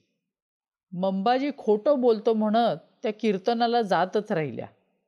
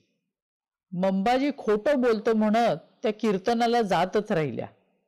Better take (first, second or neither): first